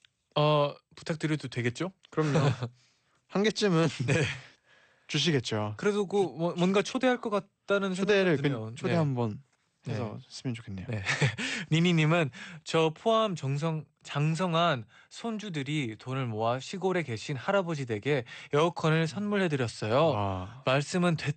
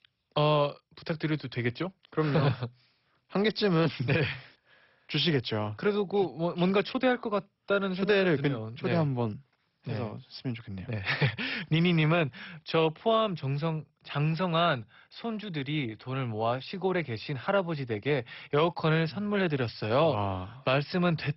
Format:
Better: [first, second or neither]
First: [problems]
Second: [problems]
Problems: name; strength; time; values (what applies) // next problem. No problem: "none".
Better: first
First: garbled, watery; slightly; nothing above 8.5 kHz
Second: garbled, watery; badly; nothing above 5.5 kHz